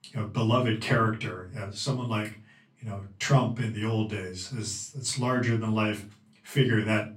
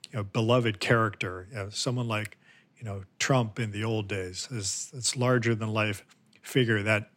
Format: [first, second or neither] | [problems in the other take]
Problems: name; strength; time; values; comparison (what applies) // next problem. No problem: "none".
second | off-mic speech; far // room echo; slight; dies away in 0.3 s